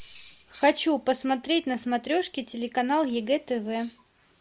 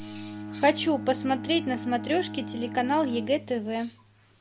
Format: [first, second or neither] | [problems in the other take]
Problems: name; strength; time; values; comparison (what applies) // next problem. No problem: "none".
first | background sound (Bowed string instrument); 10 dB below the speech